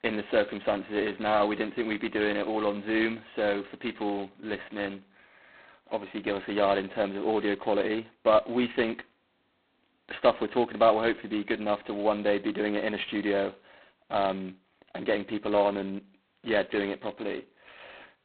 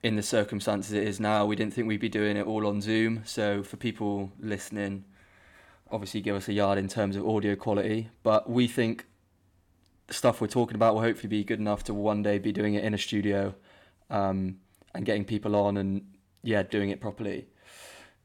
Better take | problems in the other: second | phone-call audio; poor line; nothing above 4 kHz

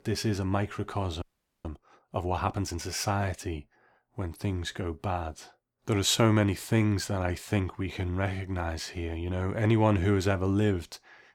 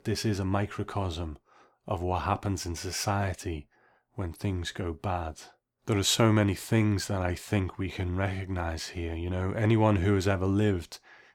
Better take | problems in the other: second | audio freezing; at 1 s

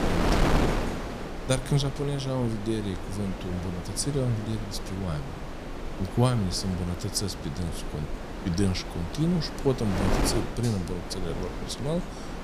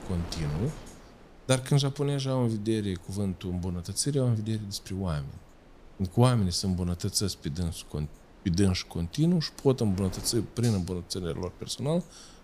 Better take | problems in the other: second | wind noise on the microphone; heavy; 2 dB below the speech; occasional gusts in the second

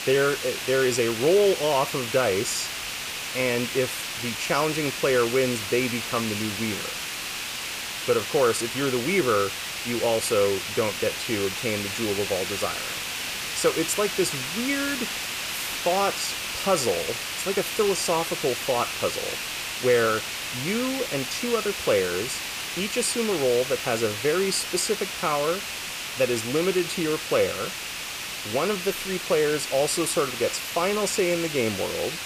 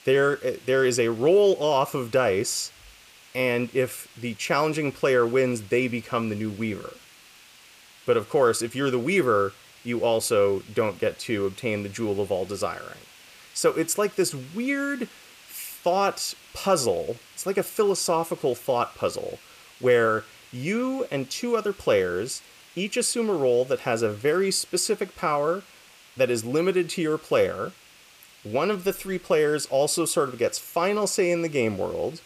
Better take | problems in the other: second | hiss; loud; throughout; 4 dB below the speech; faint in the second

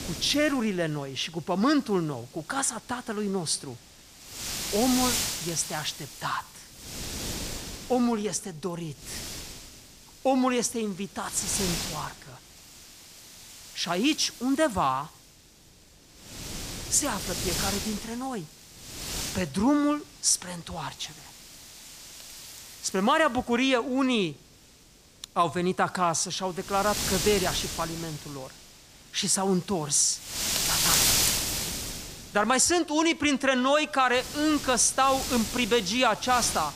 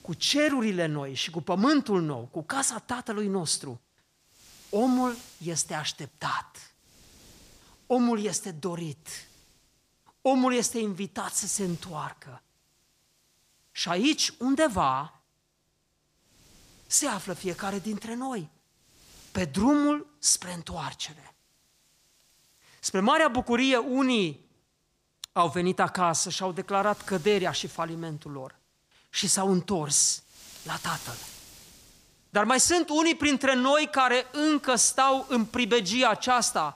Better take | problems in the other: second | wind noise on the microphone; heavy; 5 dB below the speech; occasional gusts in the second

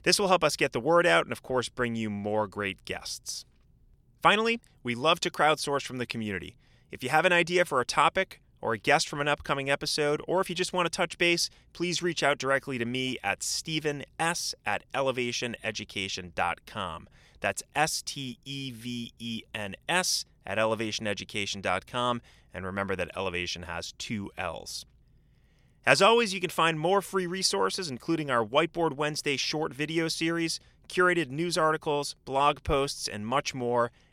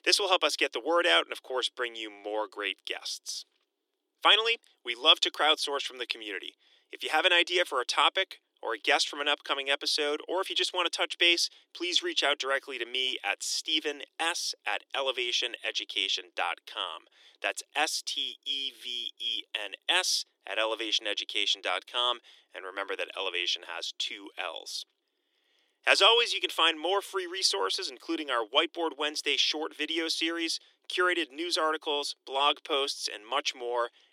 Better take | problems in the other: first | thin; very; fading below 300 Hz

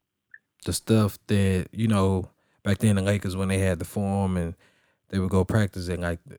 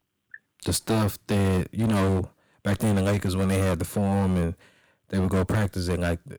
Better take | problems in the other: first | distortion; heavy; 18% of the sound clipped

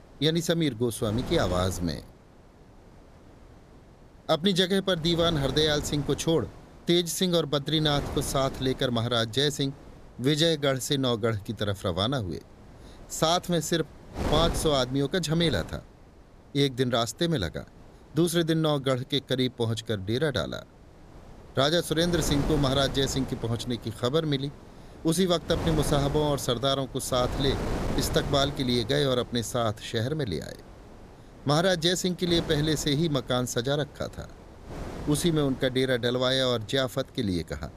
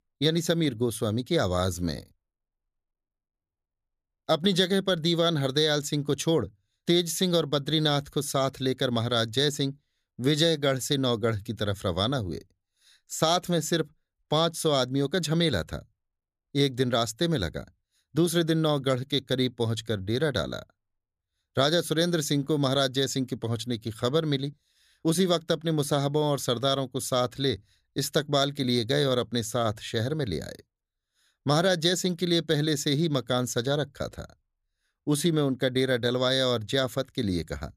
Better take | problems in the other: second | wind noise on the microphone; occasional gusts; 15 dB below the speech

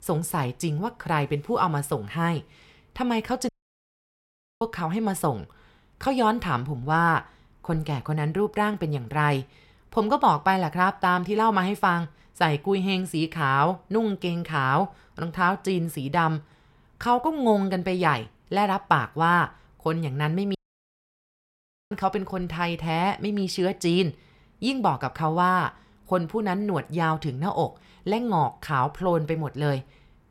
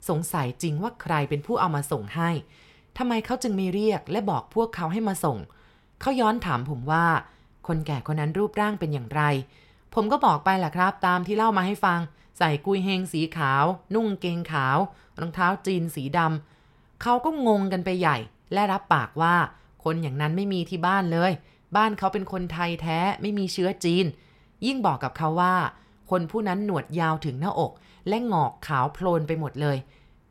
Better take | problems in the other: second | audio cutting out; at 3.5 s for 1 s and at 21 s for 1.5 s

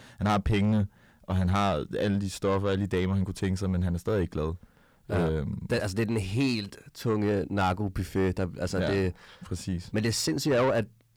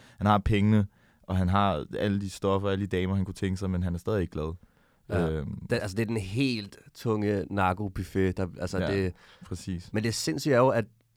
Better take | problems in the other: second | distortion; slight; 10 dB below the speech

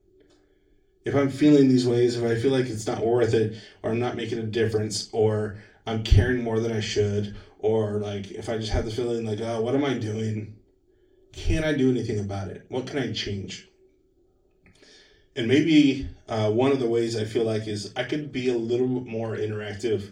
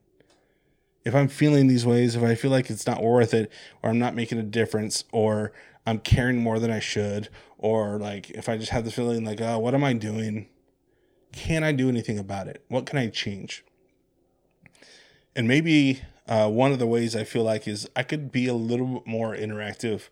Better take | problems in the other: second | room echo; slight; dies away in 0.3 s // off-mic speech; far

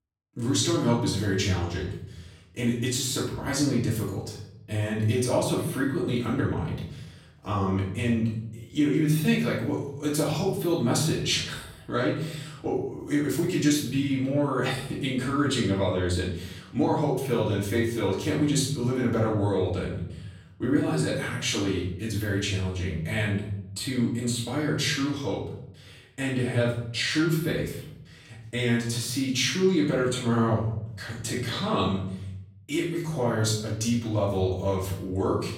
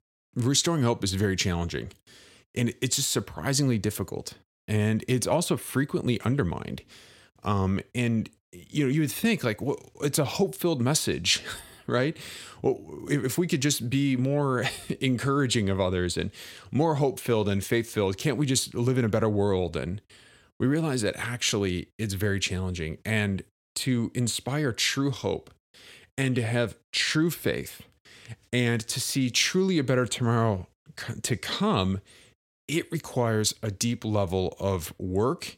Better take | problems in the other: second | off-mic speech; far // room echo; noticeable; dies away in 0.8 s

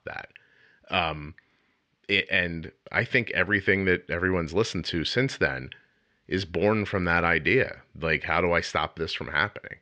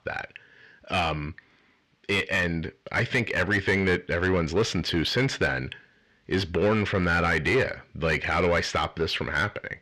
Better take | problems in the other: first | distortion; heavy; 7 dB below the speech

